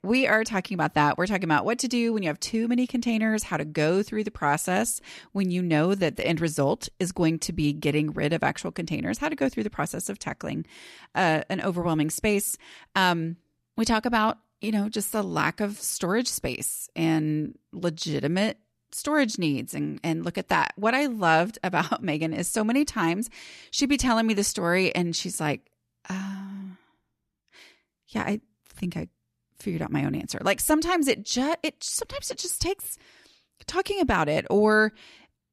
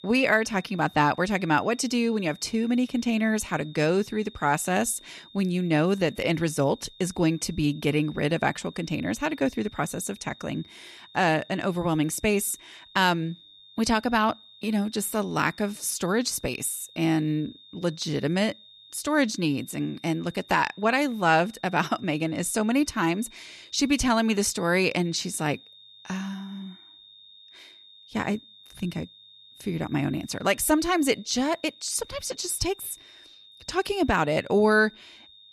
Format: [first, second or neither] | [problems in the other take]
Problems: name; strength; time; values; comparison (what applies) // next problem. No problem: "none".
first | high-pitched whine; faint; throughout; 3.5 kHz, 25 dB below the speech